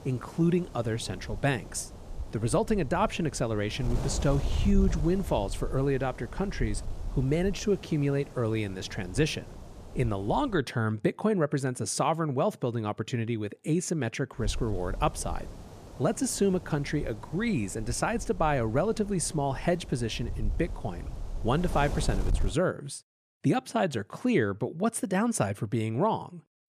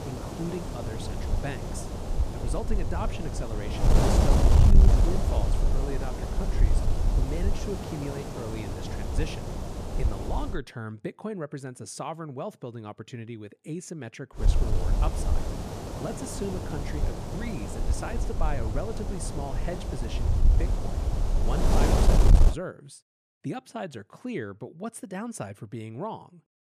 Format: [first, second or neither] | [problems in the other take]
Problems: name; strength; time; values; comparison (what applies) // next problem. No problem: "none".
first | wind noise on the microphone; heavy; until 11 s and from 14 to 23 s; 2 dB above the speech; occasional gusts in the first